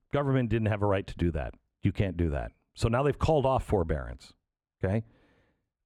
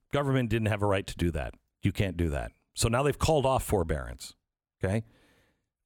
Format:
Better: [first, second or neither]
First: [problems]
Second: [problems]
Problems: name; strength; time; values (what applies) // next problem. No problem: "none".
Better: second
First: muffled; slightly; fading above 1.5 kHz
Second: none